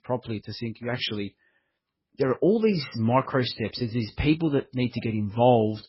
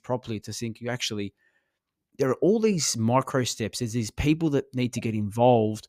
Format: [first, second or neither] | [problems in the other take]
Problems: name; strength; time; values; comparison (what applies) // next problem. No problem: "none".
second | garbled, watery; badly; nothing above 5.5 kHz